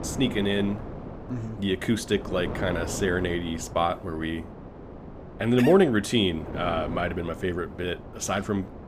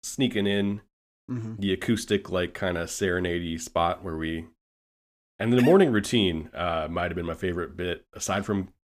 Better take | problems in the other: second | wind noise on the microphone; occasional gusts; 15 dB below the speech

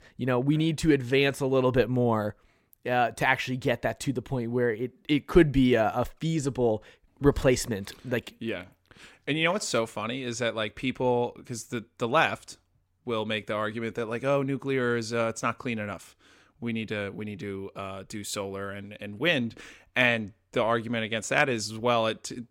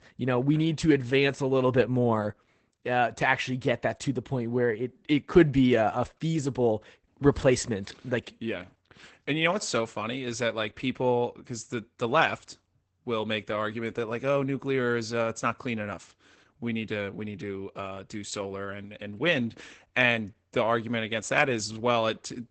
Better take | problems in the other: first | garbled, watery; badly; nothing above 8 kHz

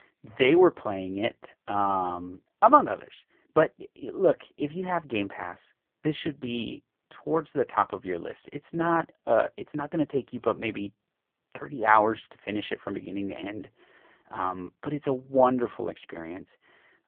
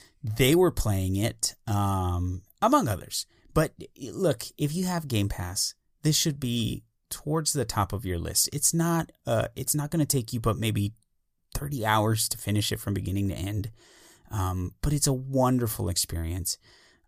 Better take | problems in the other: second | phone-call audio; poor line; nothing above 3.5 kHz

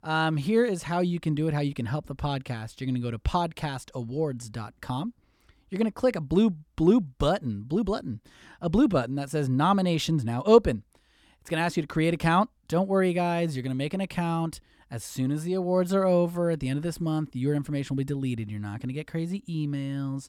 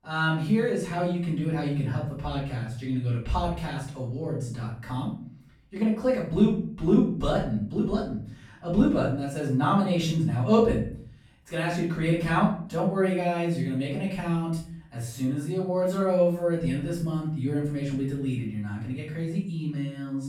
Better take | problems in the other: first | room echo; noticeable; dies away in 0.5 s // off-mic speech; far

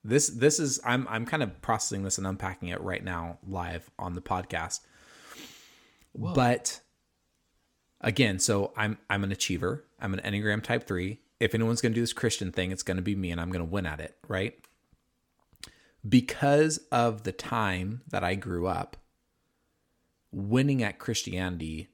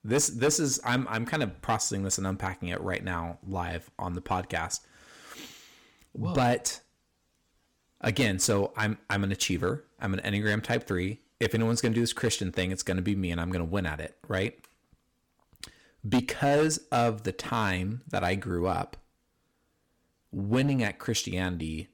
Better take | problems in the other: first | distortion; slight; 4% of the sound clipped

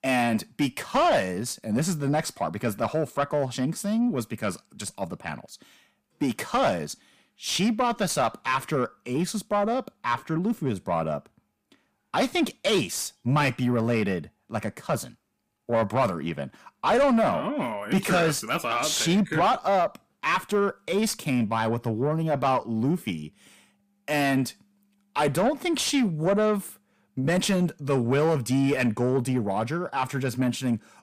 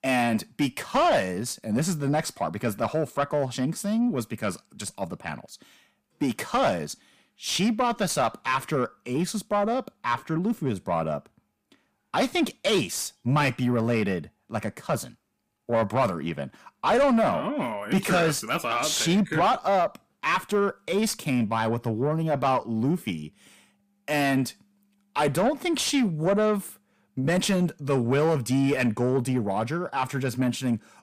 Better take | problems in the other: neither | distortion; slight; 10 dB below the speech; the same in both

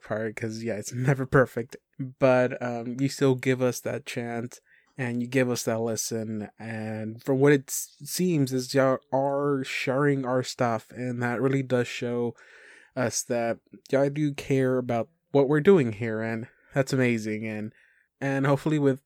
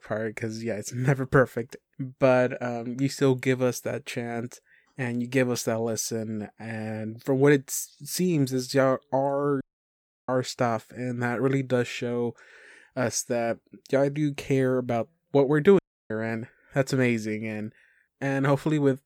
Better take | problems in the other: first | audio cutting out; at 9.5 s for 0.5 s and at 16 s

